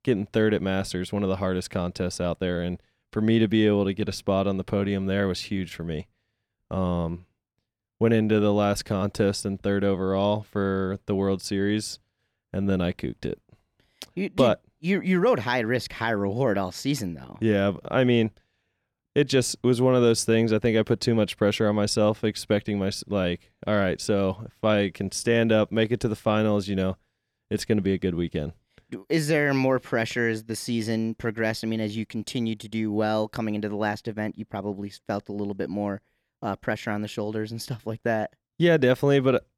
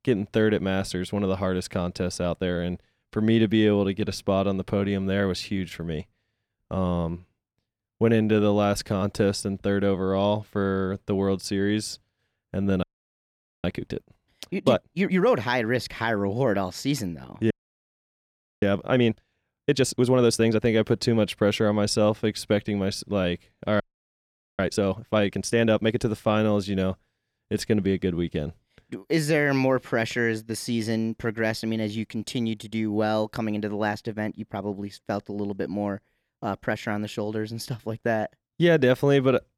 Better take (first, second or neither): first